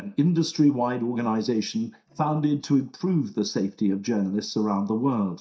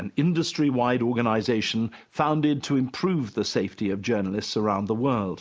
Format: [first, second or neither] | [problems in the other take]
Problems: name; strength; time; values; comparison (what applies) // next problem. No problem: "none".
second | noise reduction (neural mask model DeepFilterNet 3)